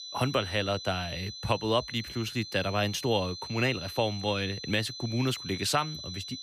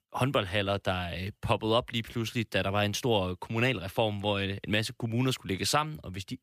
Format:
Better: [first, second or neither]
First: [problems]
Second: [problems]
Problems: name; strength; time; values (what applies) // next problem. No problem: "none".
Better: second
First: high-pitched whine; loud; throughout; 4 kHz, 9 dB below the speech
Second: none